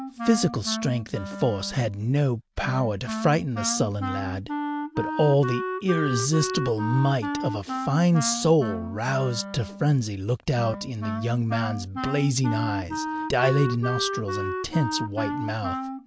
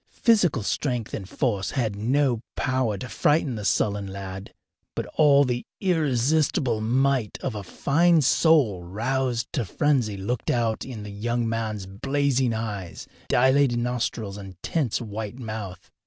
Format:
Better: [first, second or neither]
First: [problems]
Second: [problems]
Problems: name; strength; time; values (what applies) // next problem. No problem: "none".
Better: second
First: background sound (Wind instrument, woodwind instrument); 7 dB below the speech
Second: none